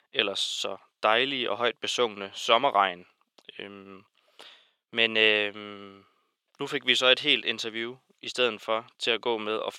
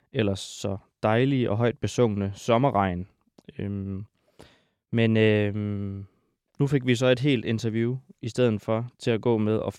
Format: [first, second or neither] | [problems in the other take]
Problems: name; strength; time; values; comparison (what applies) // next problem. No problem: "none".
second | thin; very; fading below 550 Hz